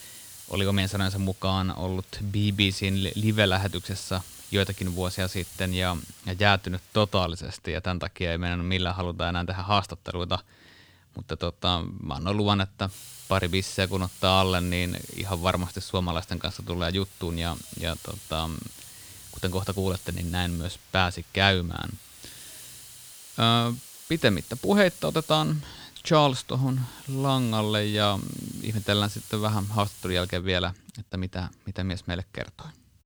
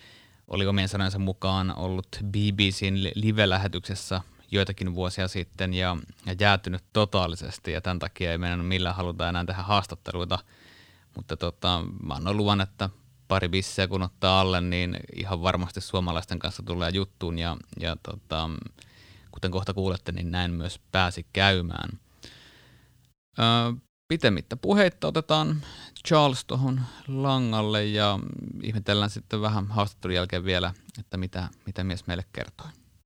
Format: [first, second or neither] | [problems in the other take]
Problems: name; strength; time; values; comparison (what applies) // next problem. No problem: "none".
second | hiss; noticeable; until 7.5 s and from 13 to 30 s; 15 dB below the speech